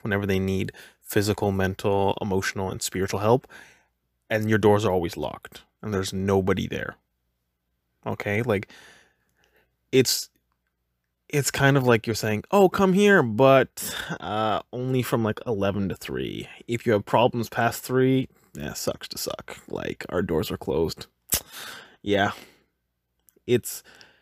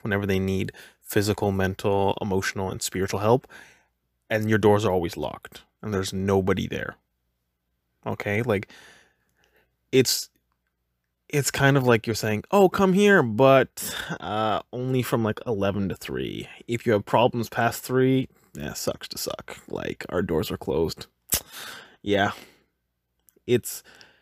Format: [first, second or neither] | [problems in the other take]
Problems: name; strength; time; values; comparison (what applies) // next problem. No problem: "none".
neither | none